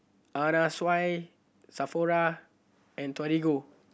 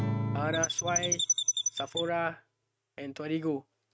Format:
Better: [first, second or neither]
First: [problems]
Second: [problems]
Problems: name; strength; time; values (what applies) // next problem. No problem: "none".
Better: first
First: none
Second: noise reduction (neural mask model RNNoise)